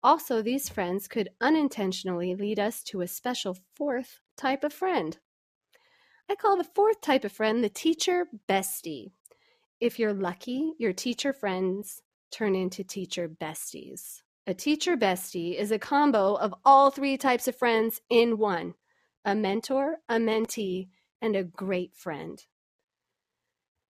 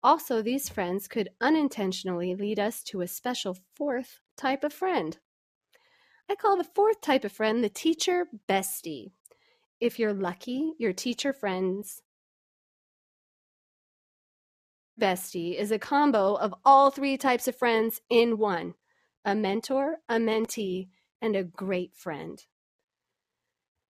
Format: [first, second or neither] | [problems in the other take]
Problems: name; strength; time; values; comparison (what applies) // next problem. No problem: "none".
first | audio cutting out; at 12 s for 3 s